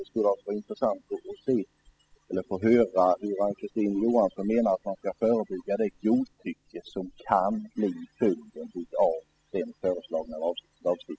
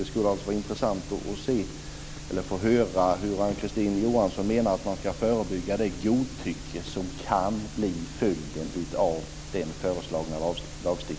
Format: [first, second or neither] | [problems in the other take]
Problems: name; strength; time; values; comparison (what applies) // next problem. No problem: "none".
second | noise reduction (classical method spectral subtraction)